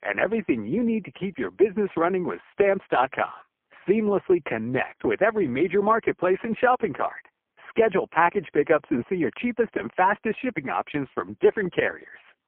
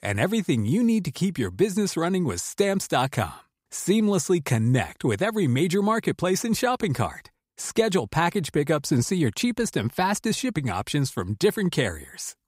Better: second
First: phone-call audio; poor line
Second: none

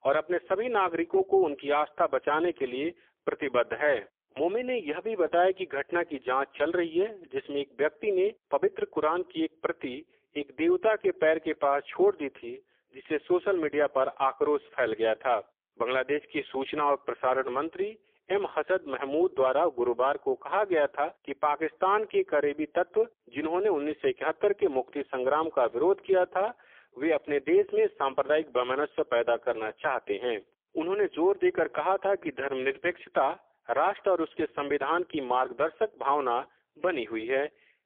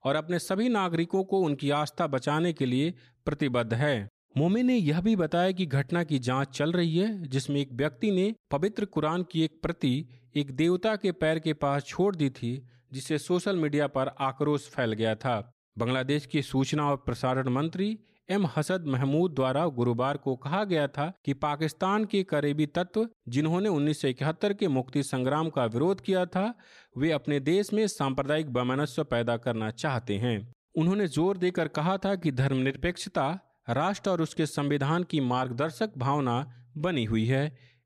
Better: second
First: phone-call audio; poor line; nothing above 3.5 kHz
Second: none

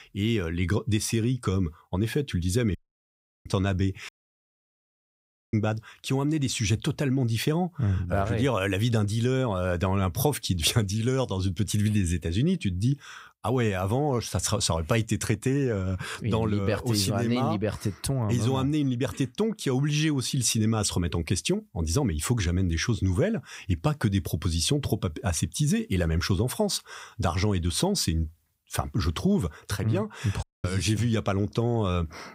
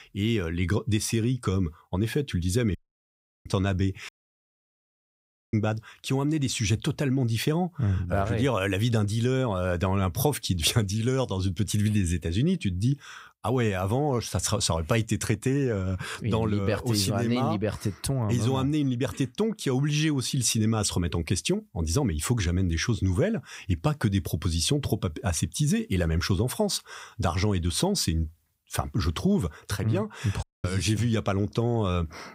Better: neither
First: audio cutting out; at 3 s for 0.5 s, at 4 s for 1.5 s and at 30 s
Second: audio cutting out; at 3 s for 0.5 s, at 4 s for 1.5 s and at 30 s

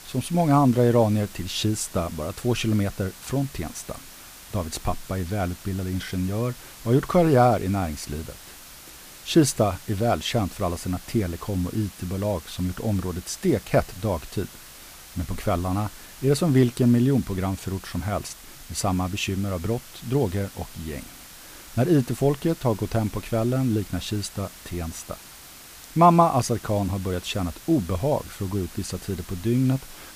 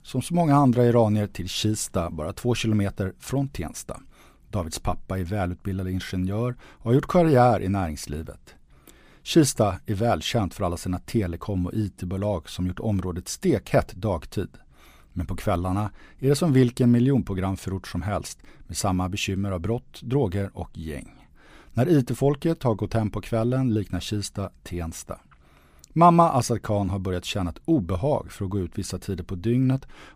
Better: second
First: hiss; noticeable; throughout; 15 dB below the speech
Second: none

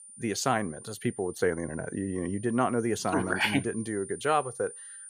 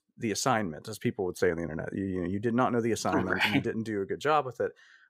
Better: second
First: high-pitched whine; noticeable; throughout; 9.5 kHz, 15 dB below the speech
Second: none

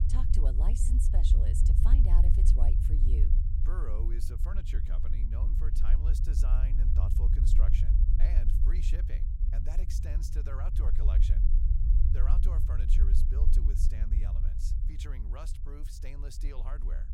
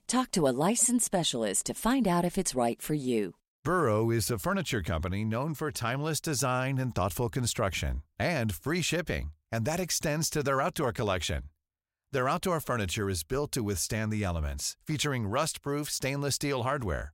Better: second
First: low rumble; loud; throughout; 1 dB below the speech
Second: none

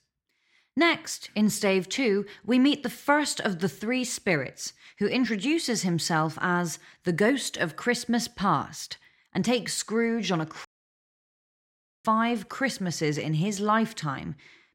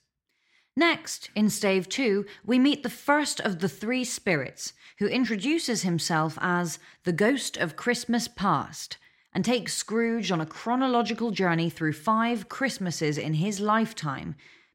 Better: second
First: audio cutting out; at 11 s for 1.5 s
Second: none

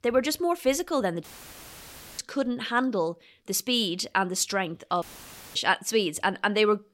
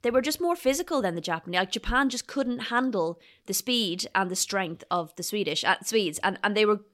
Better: second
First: audio cutting out; filled with static; at 1 s for 1 s and at 5 s for 0.5 s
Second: none

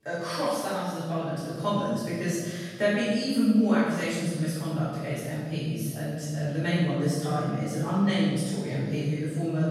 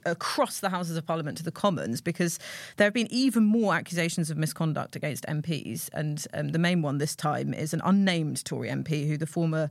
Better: second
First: room echo; strong; dies away in 1.4 s // off-mic speech; far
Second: none

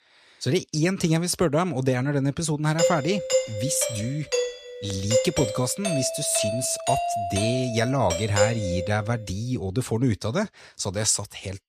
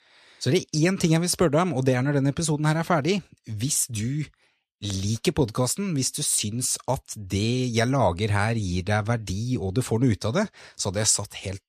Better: second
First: doorbell; loud; from 3 to 9 s; peak 2 dB above the speech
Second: none

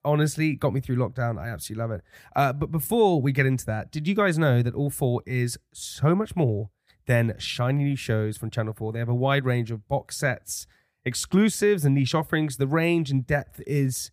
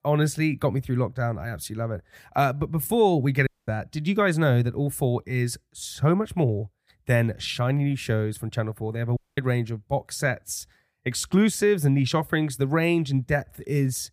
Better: first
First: none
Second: audio cutting out; at 3.5 s and at 9 s

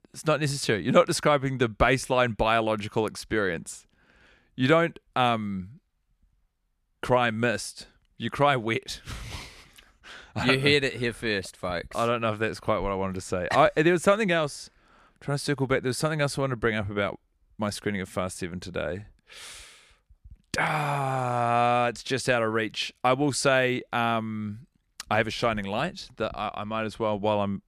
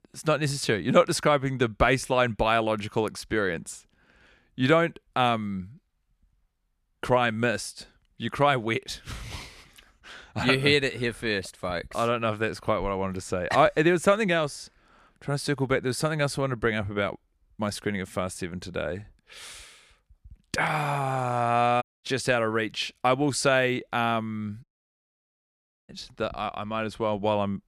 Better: first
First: none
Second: audio cutting out; at 22 s and at 25 s for 1.5 s

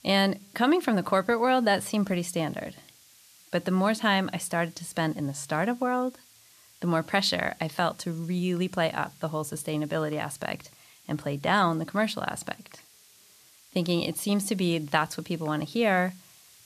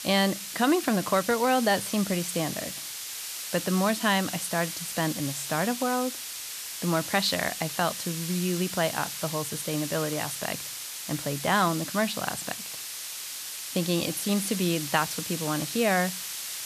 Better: first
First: hiss; faint; throughout; 25 dB below the speech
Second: hiss; loud; throughout; 6 dB below the speech

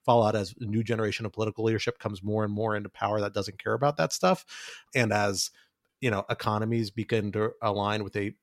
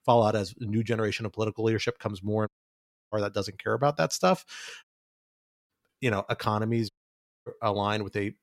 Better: first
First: none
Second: audio cutting out; at 2.5 s for 0.5 s, at 5 s for 1 s and at 7 s for 0.5 s

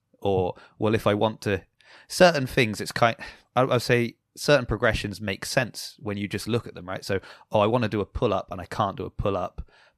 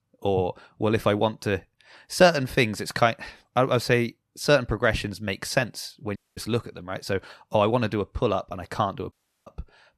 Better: first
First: none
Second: audio cutting out; at 6 s and at 9 s

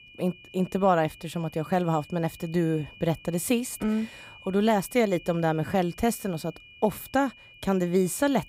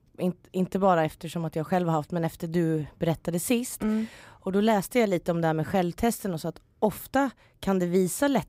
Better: second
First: high-pitched whine; faint; throughout; 2.5 kHz, 20 dB below the speech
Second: none

